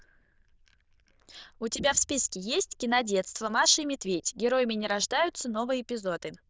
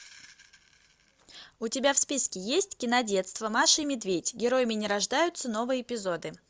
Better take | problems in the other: second | noise reduction (neural diffusion model UNIVERSE++)

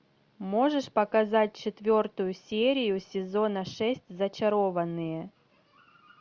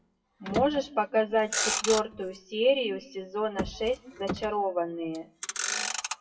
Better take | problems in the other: first | noise reduction (classical method WPE with log-MMSE)

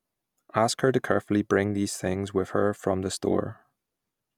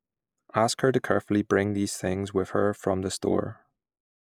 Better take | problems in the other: first | noise reduction (neural mask model Resemble Enhance denoiser)

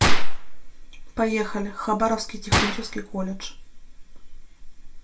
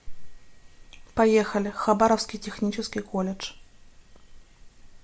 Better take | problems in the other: second | background sound (Gunshot, gunfire); 8 dB below the speech // room echo; dies away in 0.1 s

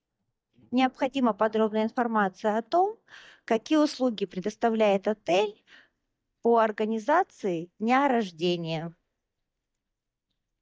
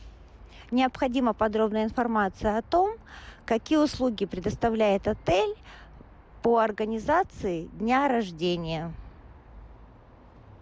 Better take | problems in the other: second | noise reduction (neural mask model DeepFilterNet 3)

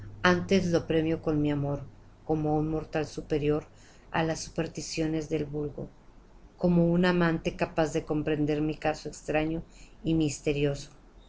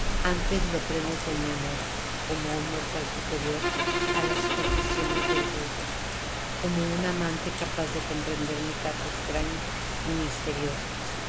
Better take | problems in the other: first | background sound (Bowed string instrument + Rain); 4 dB above the speech

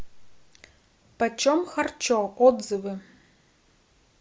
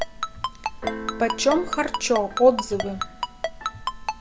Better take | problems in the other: first | background sound (Keyboard (musical) + Ringtone); 5 dB below the speech

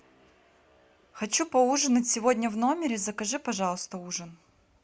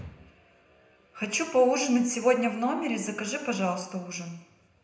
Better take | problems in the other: first | room echo; dies away in 0.8 s

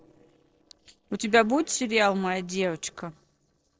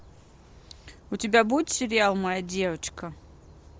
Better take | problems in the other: second | noise reduction (neural separator model SepFormer DNS4)

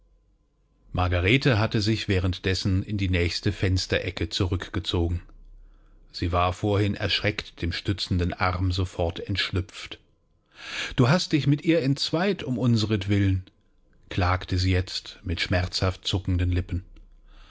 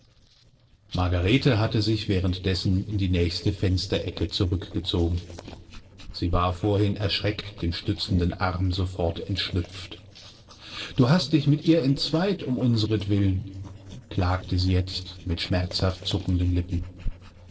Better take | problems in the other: first | noise reduction (neural separator model SepFormer DNS4)

